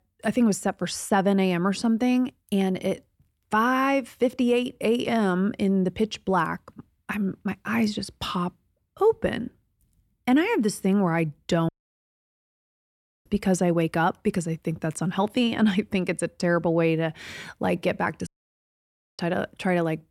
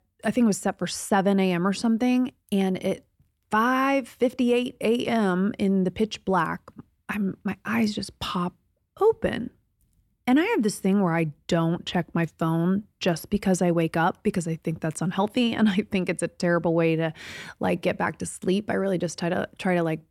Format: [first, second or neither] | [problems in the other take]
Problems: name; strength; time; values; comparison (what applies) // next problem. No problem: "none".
second | audio cutting out; at 12 s for 1.5 s and at 18 s for 1 s